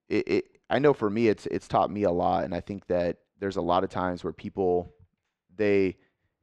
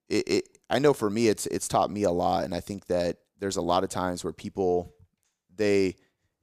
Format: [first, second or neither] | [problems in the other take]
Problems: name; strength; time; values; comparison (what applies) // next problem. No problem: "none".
second | muffled; slightly; fading above 2.5 kHz